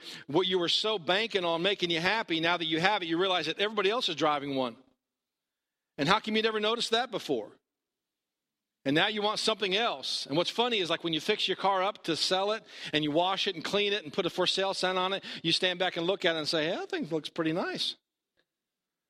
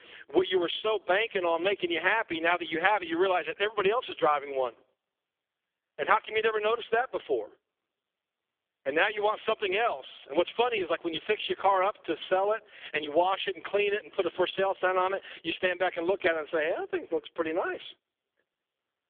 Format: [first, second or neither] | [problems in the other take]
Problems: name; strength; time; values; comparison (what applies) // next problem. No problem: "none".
first | phone-call audio; poor line; nothing above 3.5 kHz